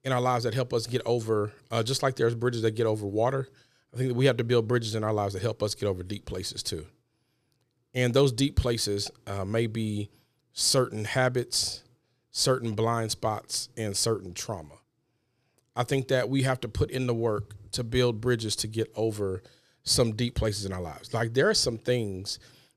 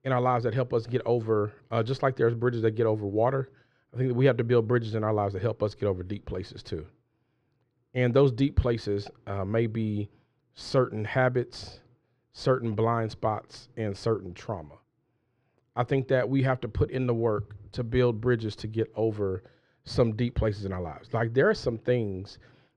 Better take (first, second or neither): first